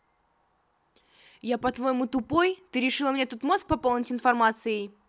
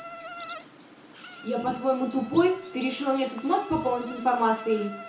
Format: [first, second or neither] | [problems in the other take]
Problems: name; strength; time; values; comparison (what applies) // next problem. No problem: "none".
first | background sound (Insect); 15 dB below the speech // room echo; dies away in 0.7 s